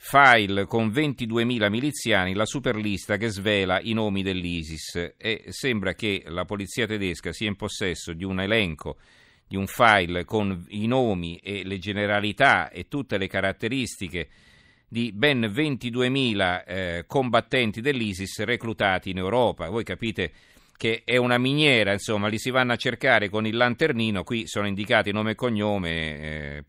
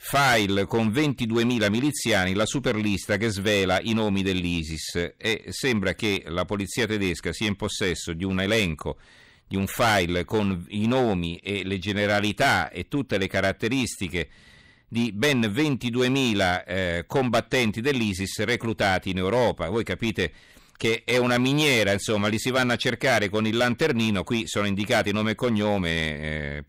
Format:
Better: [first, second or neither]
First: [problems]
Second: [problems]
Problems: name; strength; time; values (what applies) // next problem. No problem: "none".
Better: first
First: none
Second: distortion; heavy; 7% of the sound clipped